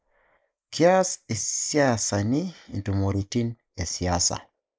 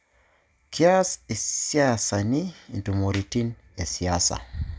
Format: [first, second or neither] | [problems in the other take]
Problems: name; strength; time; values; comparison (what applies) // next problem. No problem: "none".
second | noise reduction (neural mask model Resemble Enhance denoiser)